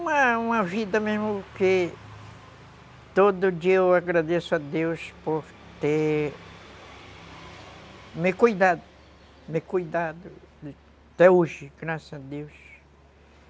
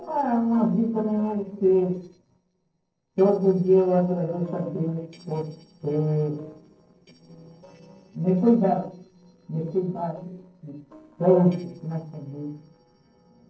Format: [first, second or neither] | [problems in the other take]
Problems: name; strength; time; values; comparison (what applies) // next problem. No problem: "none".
first | noise reduction (neural separator model SepFormer DNS4)